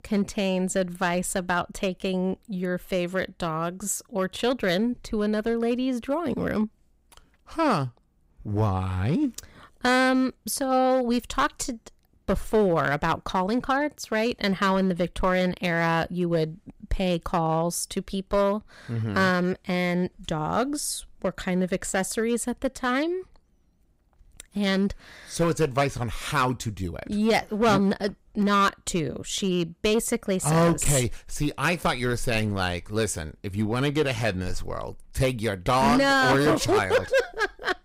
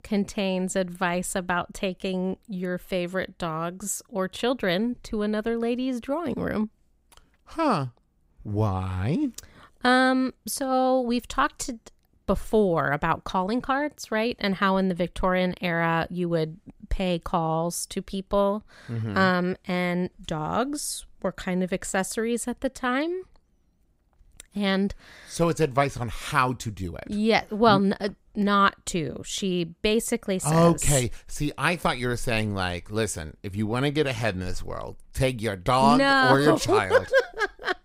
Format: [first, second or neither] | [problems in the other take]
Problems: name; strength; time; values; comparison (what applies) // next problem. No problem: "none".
second | distortion; slight; 4% of the sound clipped